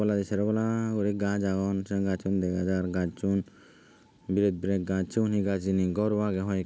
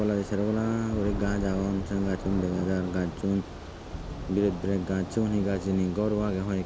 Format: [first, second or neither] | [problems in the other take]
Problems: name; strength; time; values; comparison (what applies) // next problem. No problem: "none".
first | background sound (Thunder / Rain); 9 dB below the speech